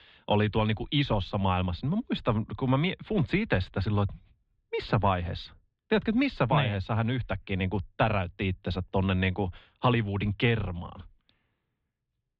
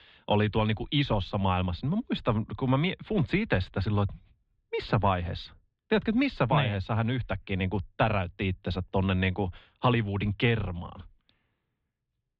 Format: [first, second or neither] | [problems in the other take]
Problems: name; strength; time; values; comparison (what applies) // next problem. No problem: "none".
neither | muffled; very; fading above 3.5 kHz; the same in both